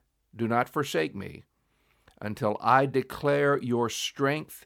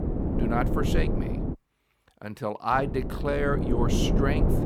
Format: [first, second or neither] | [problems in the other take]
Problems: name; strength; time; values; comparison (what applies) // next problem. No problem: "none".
first | wind noise on the microphone; heavy; until 1.5 s and from 2.5 s on; 5 dB below the speech